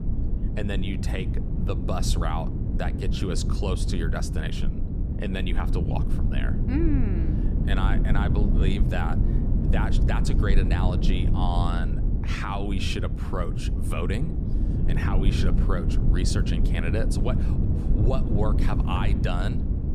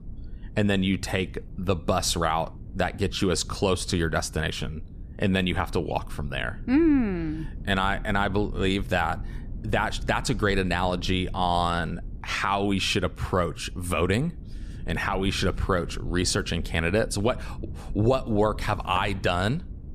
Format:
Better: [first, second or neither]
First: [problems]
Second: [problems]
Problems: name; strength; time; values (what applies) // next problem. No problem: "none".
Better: second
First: low rumble; loud; throughout; 4 dB below the speech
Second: low rumble; faint; throughout; 25 dB below the speech